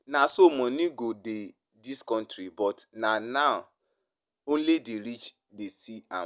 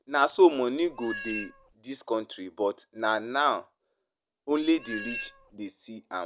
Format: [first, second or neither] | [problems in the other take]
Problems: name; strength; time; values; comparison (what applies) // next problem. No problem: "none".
first | background sound (Meow); 11 dB below the speech